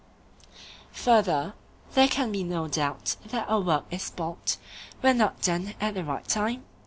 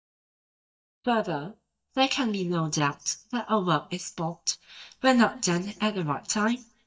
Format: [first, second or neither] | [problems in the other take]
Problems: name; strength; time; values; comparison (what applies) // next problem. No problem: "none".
first | noise reduction (neural mask model DeepFilterNet 3)